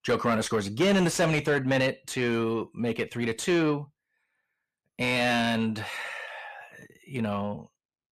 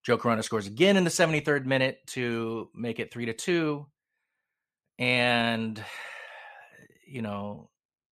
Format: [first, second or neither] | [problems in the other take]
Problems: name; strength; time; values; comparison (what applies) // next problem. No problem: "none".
second | distortion; heavy; 8 dB below the speech